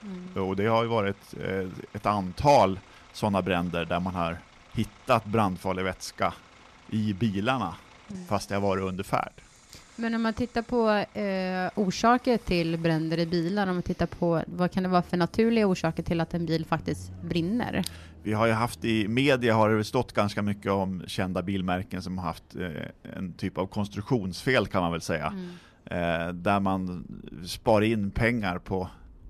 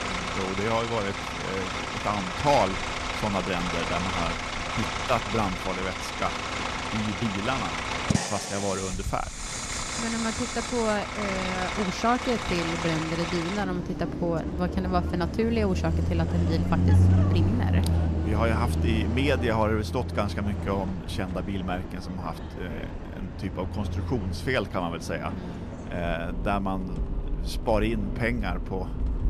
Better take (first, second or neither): first